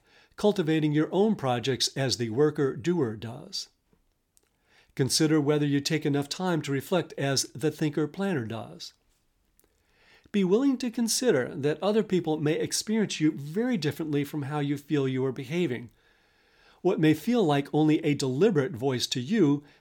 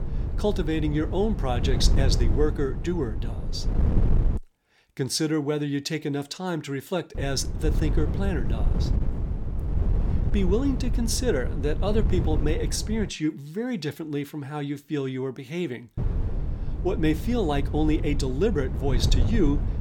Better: first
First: none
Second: wind noise on the microphone; occasional gusts; until 4.5 s, from 7 to 13 s and from 16 s on; 10 dB below the speech

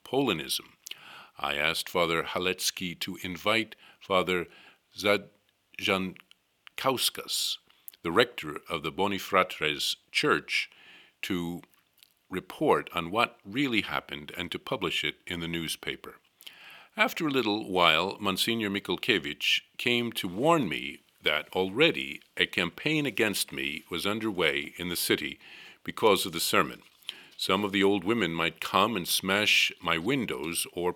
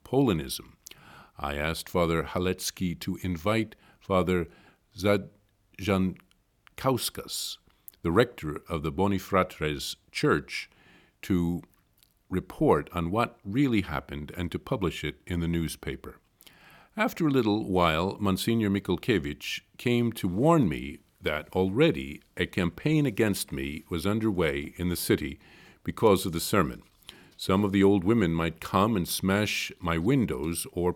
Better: second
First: thin; very slightly; fading below 950 Hz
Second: none

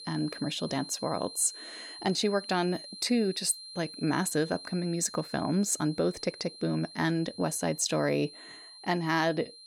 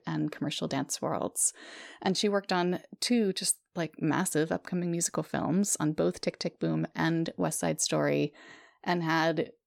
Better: second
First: high-pitched whine; noticeable; throughout; 4 kHz, 15 dB below the speech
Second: none

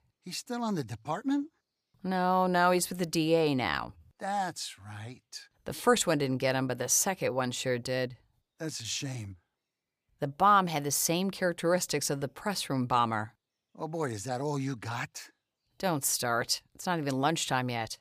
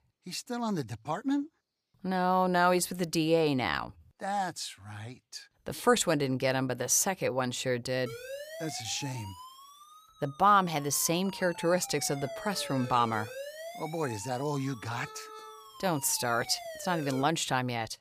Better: first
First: none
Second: siren; faint; from 8 to 17 s; peak 10 dB below the speech

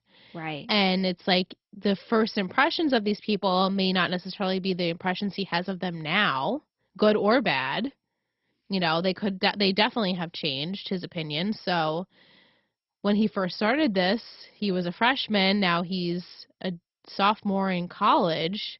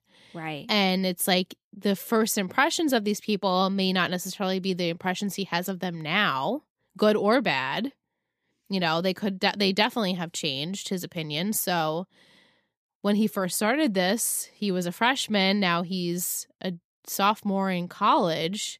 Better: second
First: garbled, watery; badly; nothing above 5 kHz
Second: none

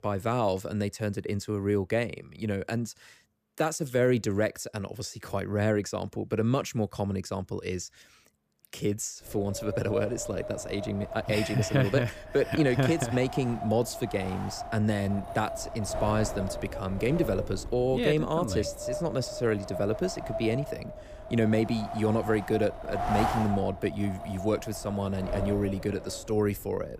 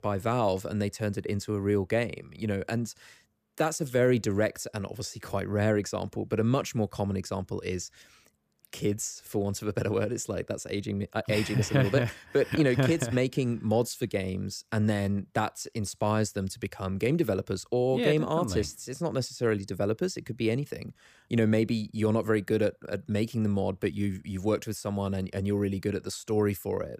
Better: second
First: wind noise on the microphone; heavy; from 9 s on; 5 dB below the speech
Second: none

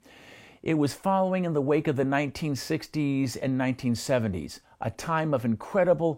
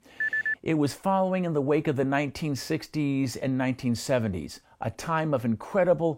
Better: first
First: none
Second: phone ringing; loud; at the start; peak 1 dB above the speech

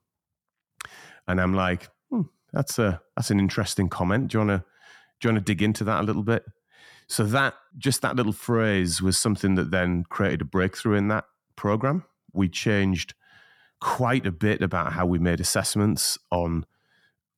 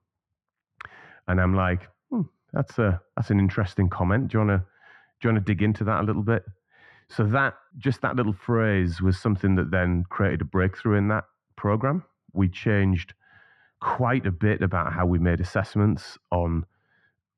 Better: first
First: none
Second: muffled; very; fading above 2 kHz

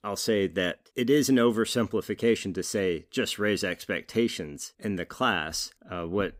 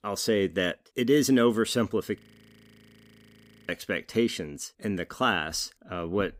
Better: first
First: none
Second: audio freezing; at 2 s for 1.5 s

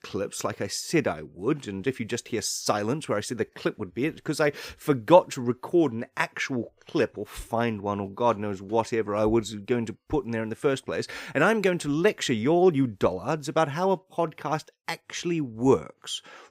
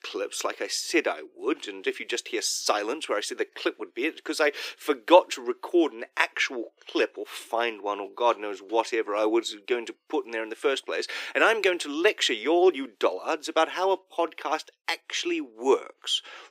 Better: first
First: none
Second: thin; somewhat; fading below 300 Hz

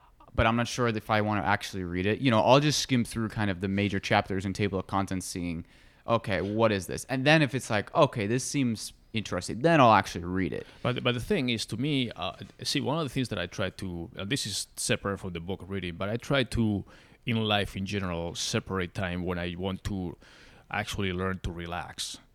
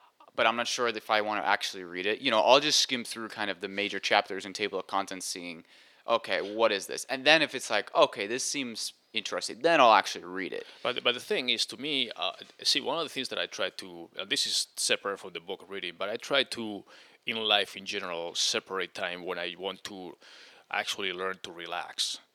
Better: first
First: none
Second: thin; somewhat; fading below 450 Hz

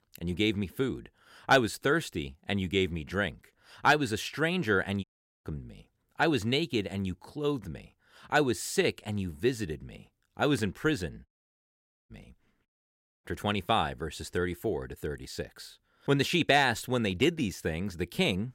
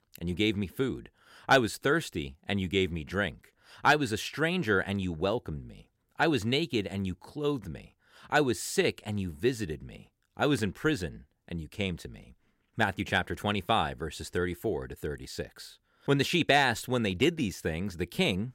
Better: second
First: audio cutting out; at 5 s, at 11 s for 1 s and at 13 s for 0.5 s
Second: none

